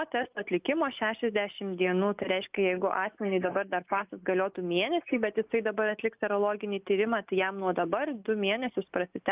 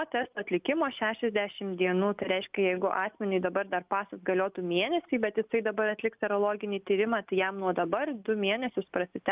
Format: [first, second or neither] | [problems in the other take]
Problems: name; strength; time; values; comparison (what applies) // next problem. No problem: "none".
second | noise reduction (neural mask model Resemble Enhance denoiser)